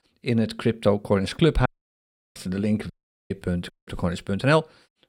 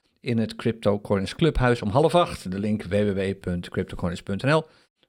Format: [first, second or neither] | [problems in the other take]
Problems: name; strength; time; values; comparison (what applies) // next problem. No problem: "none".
second | audio cutting out; at 1.5 s for 0.5 s, at 3 s and at 3.5 s